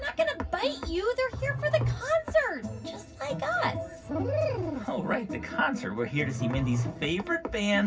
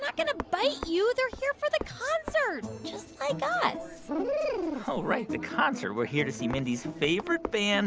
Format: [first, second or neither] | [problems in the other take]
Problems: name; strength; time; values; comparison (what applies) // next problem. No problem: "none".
second | background sound (Growling); 9 dB below the speech // room echo; dies away in 0.4 s